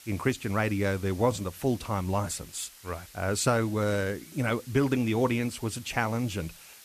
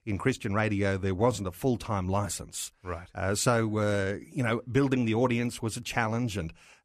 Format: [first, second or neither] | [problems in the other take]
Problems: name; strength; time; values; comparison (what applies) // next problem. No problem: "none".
second | hiss; noticeable; throughout; 20 dB below the speech